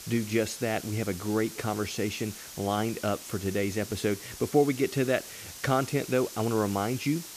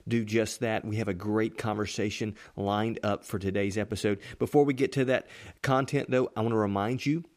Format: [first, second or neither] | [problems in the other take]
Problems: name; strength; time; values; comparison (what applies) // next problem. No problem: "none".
second | hiss; noticeable; throughout; 10 dB below the speech